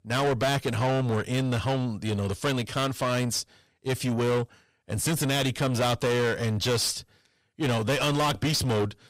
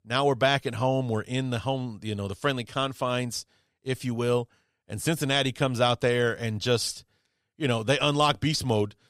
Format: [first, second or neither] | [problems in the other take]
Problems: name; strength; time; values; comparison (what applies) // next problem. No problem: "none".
second | distortion; heavy; 6 dB below the speech